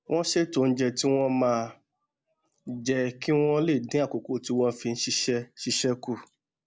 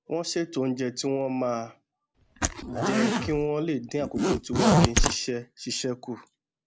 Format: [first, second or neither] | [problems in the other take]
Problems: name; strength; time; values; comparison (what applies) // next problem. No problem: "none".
first | background sound (Zipper (clothing)); 5 dB above the speech